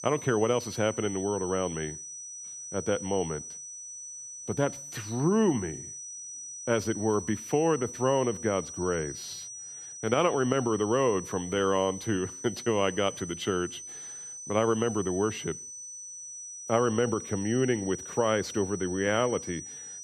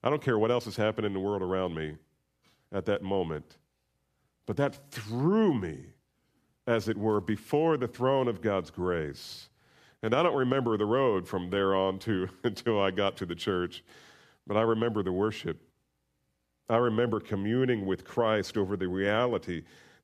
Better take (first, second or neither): second